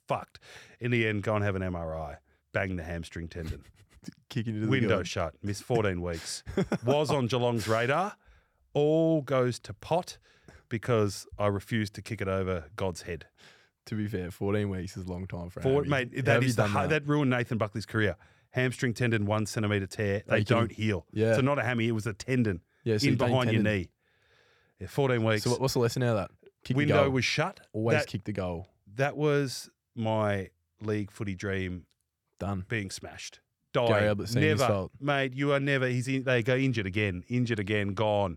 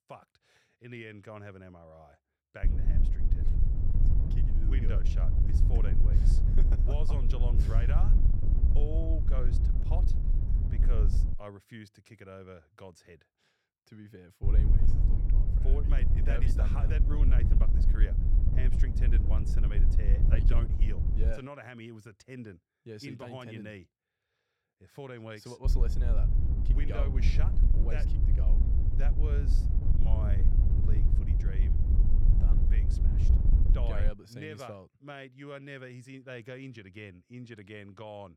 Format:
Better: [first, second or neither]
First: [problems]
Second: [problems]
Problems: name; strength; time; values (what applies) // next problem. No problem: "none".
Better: first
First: none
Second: wind noise on the microphone; heavy; from 2.5 to 11 s, from 14 to 21 s and from 26 to 34 s; 1 dB below the speech